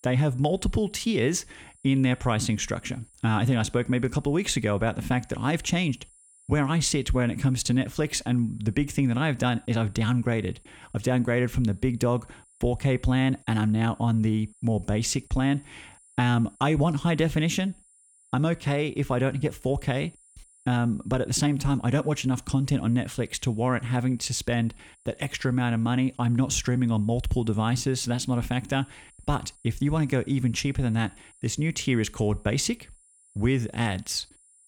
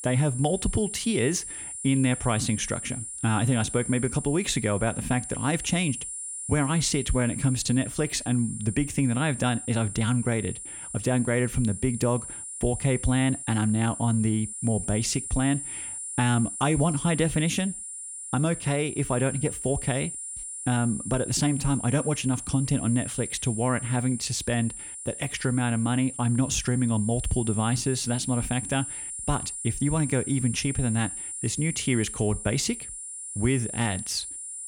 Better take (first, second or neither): first